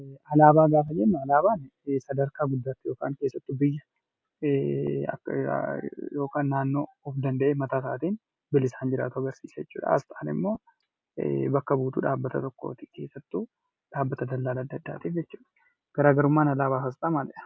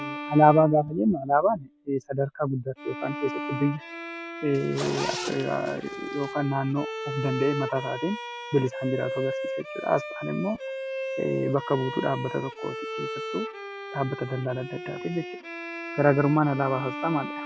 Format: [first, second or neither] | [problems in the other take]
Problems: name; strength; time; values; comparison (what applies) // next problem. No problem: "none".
first | background sound (Zipper (clothing) + Bowed string instrument); 8 dB below the speech